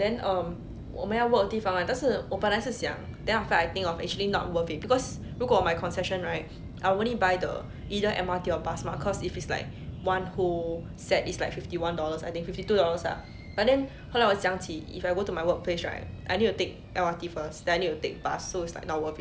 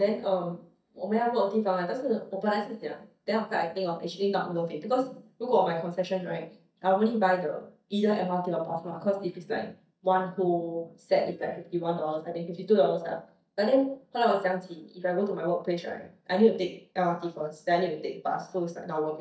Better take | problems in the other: first | noise reduction (neural mask model DeepFilterNet 3)

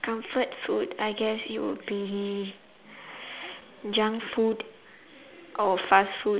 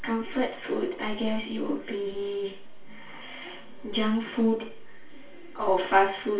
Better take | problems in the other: first | room echo; dies away in 0.3 s

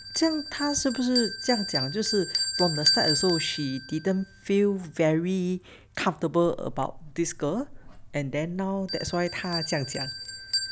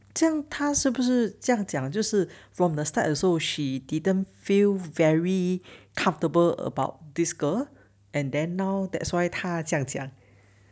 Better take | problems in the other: second | background sound (Bell); 5 dB below the speech

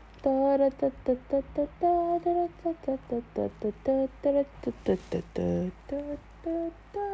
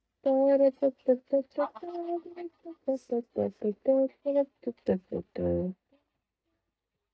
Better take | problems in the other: first | noise reduction (neural mask model DeepFilterNet 3)

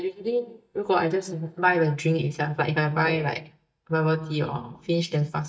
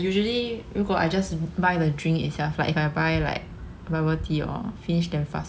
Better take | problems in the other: second | noise reduction (neural mask model DeepFilterNet 3)

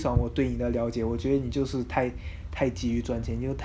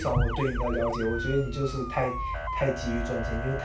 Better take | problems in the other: first | background sound (Motor vehicle (road) / Siren); 8 dB below the speech // room echo; dies away in 0.3 s

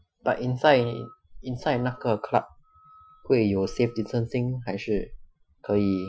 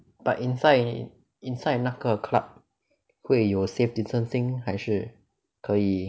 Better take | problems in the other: second | noise reduction (classical method Wiener filter)

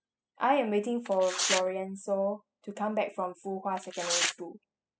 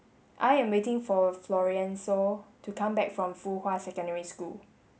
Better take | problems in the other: second | noise reduction (classical method spectral subtraction)

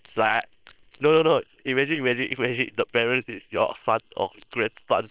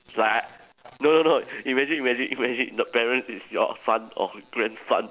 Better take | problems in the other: second | noise reduction (neural separator model SepFormer WHAM!)

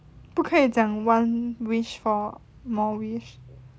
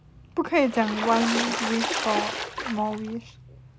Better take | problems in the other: first | background sound (Water / Splash, splatter); 3 dB below the speech

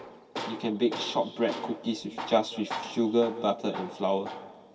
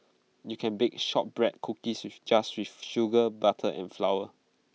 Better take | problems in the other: second | background sound (Tools); 11 dB below the speech // room echo; dies away in 2.2 s

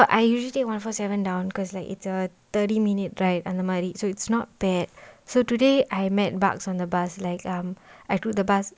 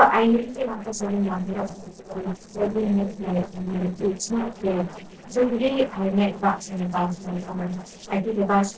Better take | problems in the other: first | noise reduction (neural separator model SepFormer DNS4)

